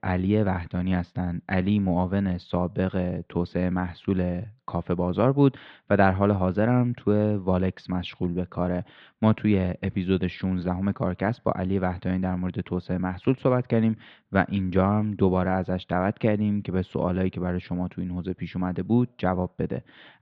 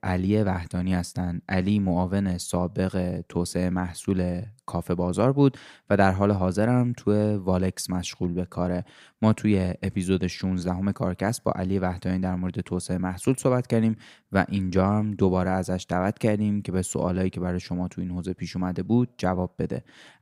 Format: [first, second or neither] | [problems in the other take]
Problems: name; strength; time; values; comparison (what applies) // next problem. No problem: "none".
second | muffled; very; fading above 3.5 kHz